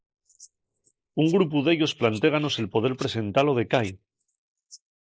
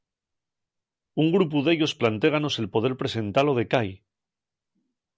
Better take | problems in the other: second | noise reduction (neural mask model Resemble Enhance denoiser)

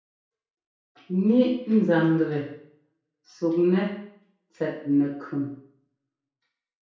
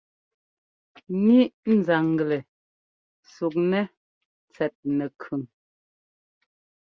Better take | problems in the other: second | room echo; dies away in 0.6 s

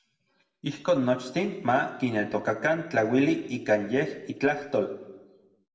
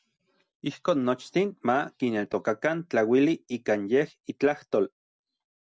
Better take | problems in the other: second | room echo; dies away in 0.9 s

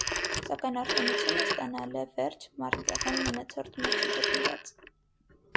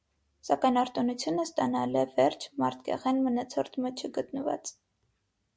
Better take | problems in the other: second | background sound (Telephone); 4 dB above the speech

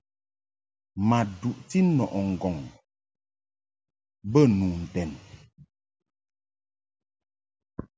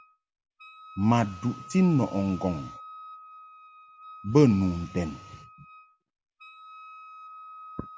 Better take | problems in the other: first | background sound (Wind instrument, woodwind instrument); 18 dB below the speech

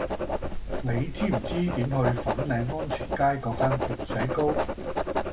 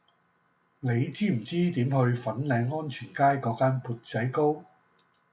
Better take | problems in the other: second | background sound (Writing); 1 dB below the speech

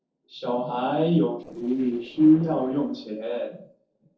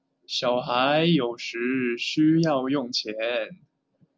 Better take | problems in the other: second | noise reduction (neural separator model SepFormer DNS4)

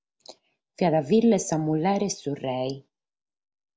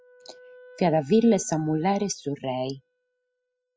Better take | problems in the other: first | noise reduction (classical method spectral subtraction)

